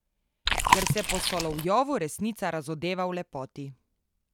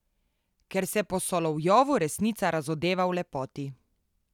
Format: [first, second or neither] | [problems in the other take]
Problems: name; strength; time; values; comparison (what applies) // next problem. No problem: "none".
second | background sound (Chewing, mastication); 5 dB above the speech